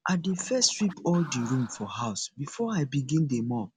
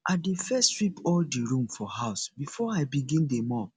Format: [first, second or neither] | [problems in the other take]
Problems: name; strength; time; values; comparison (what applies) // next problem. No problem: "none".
second | background sound (Scratching (performance technique)); 20 dB below the speech